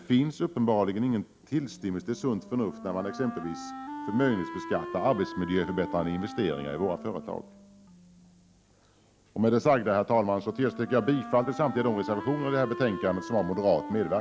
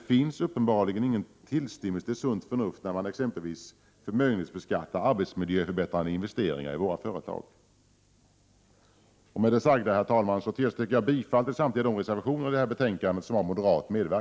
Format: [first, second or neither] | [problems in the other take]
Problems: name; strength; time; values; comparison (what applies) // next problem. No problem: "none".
second | background sound (Wind instrument, woodwind instrument); 13 dB below the speech